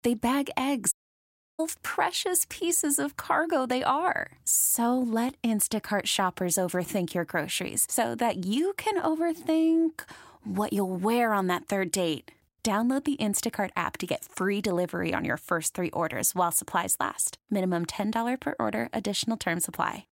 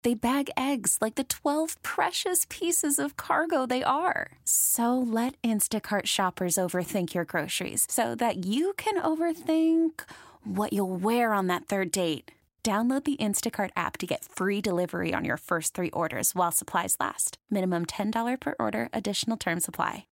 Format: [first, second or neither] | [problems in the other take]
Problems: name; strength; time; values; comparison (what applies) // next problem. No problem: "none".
second | audio cutting out; at 1 s for 0.5 s